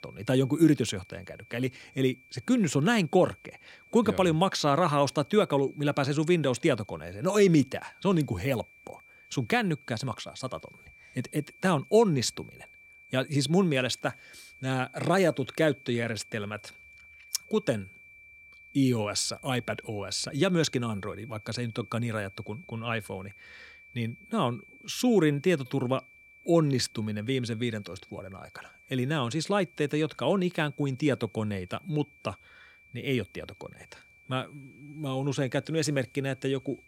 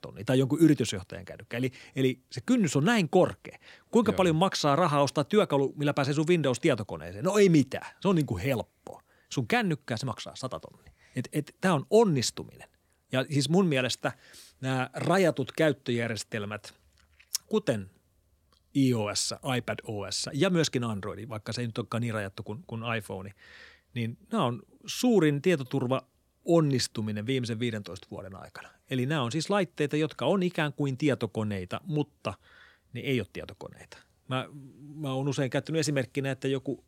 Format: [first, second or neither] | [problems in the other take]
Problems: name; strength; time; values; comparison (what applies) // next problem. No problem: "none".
second | high-pitched whine; faint; throughout; 2.5 kHz, 25 dB below the speech